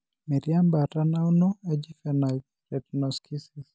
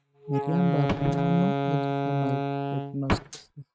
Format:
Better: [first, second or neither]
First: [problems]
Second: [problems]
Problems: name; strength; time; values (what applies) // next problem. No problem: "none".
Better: first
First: none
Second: noise reduction (neural mask model RNNoise)